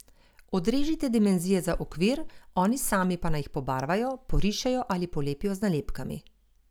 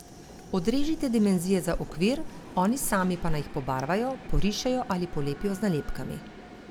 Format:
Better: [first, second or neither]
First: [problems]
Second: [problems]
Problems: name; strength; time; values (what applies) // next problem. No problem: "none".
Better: first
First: none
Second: background sound (Train); 17 dB below the speech